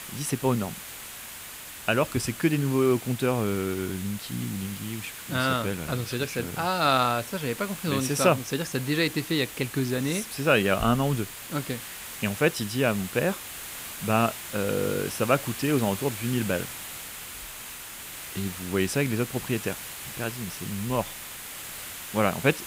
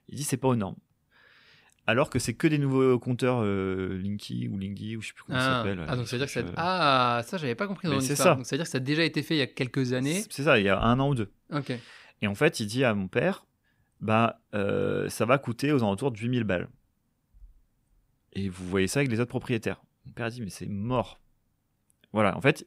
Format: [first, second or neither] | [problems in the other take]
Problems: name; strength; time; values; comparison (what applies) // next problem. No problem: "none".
second | hiss; loud; throughout; 10 dB below the speech